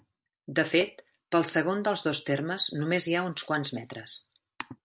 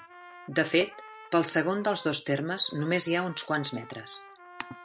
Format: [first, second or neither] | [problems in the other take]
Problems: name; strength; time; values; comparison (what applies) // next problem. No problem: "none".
first | background sound (Trumpet); 19 dB below the speech